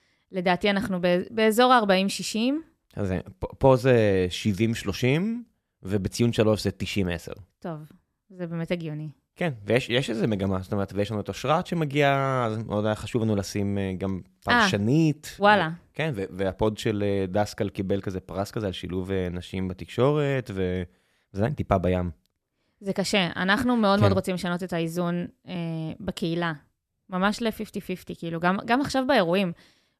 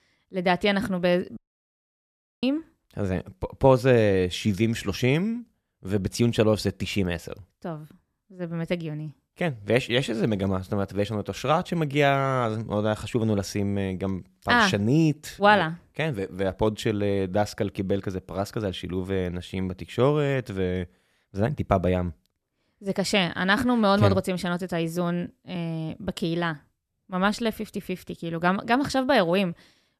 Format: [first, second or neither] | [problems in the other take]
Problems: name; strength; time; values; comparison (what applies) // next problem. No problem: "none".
first | audio cutting out; at 1.5 s for 1 s